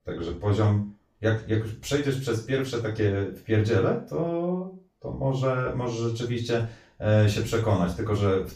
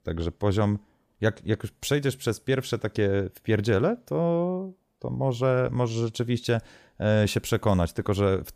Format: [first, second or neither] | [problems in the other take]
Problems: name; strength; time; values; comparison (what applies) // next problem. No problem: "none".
second | room echo; noticeable; dies away in 0.3 s // off-mic speech; far